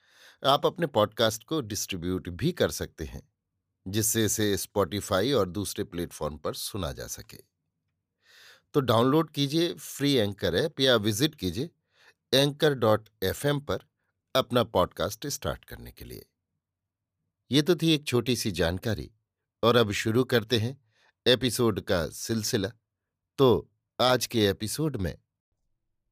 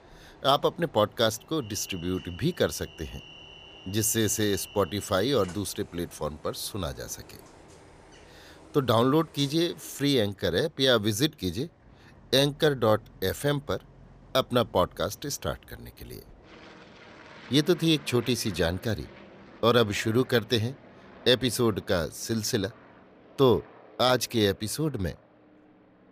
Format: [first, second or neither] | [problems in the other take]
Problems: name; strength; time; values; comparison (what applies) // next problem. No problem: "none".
first | train or aircraft noise; faint; throughout; 25 dB below the speech